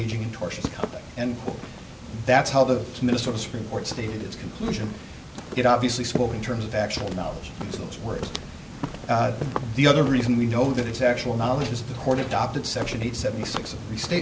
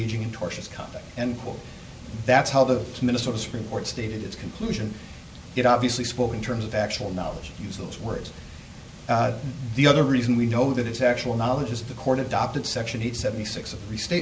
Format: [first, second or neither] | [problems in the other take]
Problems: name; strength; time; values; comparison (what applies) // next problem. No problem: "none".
second | background sound (Walk, footsteps); 11 dB below the speech